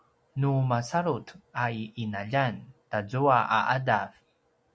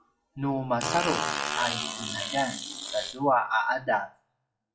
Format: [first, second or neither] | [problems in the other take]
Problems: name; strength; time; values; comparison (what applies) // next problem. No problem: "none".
first | noise reduction (classical method WPE with log-MMSE)